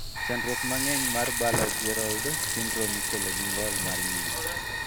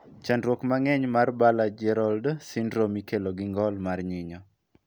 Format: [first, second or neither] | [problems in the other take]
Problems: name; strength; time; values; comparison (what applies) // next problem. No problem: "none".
second | background sound (Fire + Sink (filling or washing) / Water); 5 dB above the speech